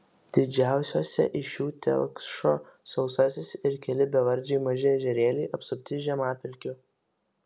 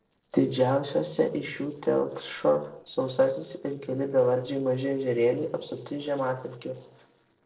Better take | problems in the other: first | noise reduction (neural separator model SepFormer DNS4)

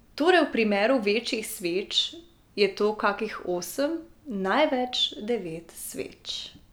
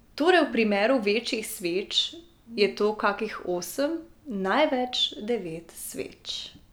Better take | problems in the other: first | background sound (Brass instrument); 15 dB below the speech

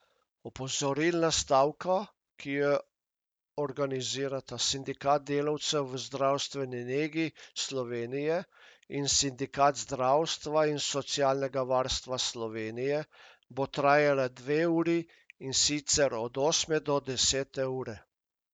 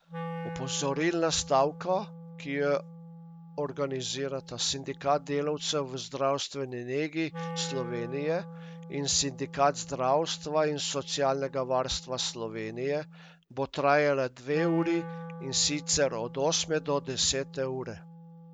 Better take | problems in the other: first | background sound (Wind instrument, woodwind instrument); 13 dB below the speech

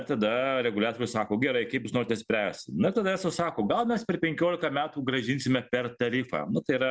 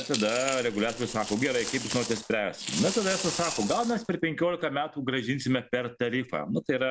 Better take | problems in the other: first | background sound (Coin (dropping)); 10 dB below the speech

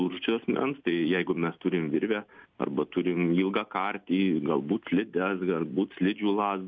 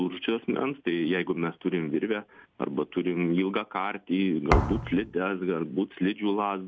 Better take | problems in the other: first | background sound (Thump, thud); as loud as the speech

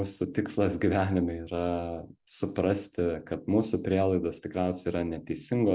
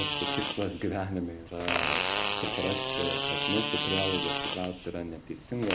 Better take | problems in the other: first | background sound (Fart); 2 dB above the speech

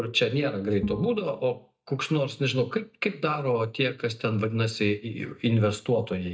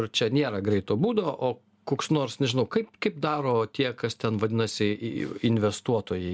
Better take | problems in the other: second | noise reduction (neural mask model DeepFilterNet 3)

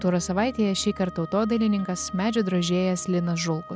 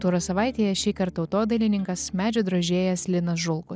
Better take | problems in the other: second | background sound (Wind instrument, woodwind instrument); 18 dB below the speech

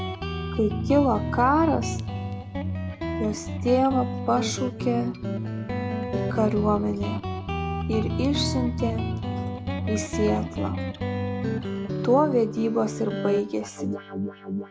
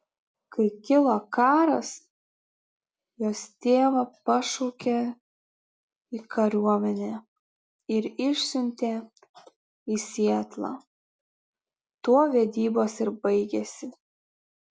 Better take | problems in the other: second | background sound (Guitar); 2 dB below the speech

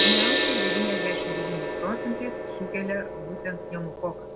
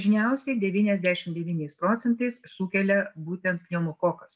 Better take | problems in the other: second | background sound (Gong); 5 dB above the speech

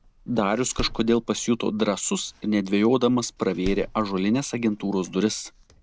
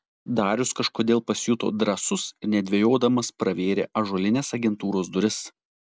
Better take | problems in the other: second | background sound (Door); 17 dB below the speech

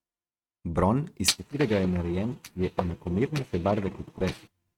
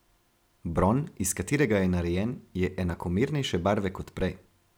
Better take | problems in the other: second | noise reduction (neural mask model RNNoise)

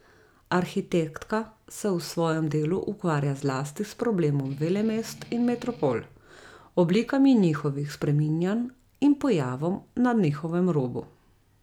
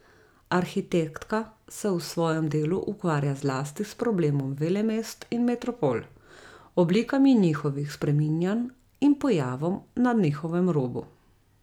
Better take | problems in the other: second | background sound (Strum); 19 dB below the speech

